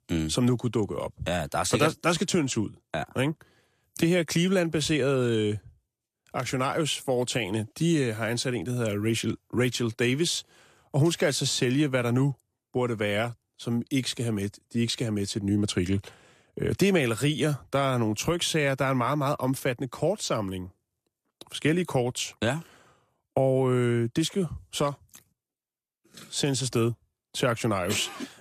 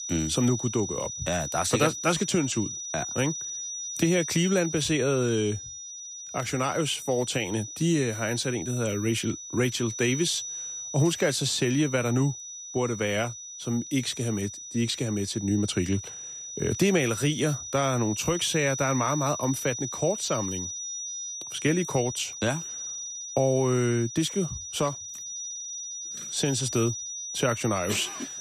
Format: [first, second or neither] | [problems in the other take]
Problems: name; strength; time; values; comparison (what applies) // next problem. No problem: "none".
first | high-pitched whine; loud; throughout; 6 kHz, 7 dB below the speech